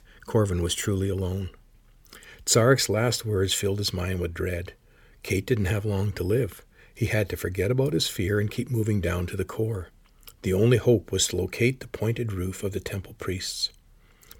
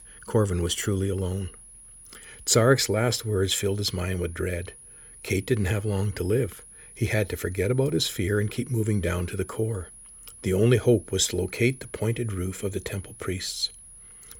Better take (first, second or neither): first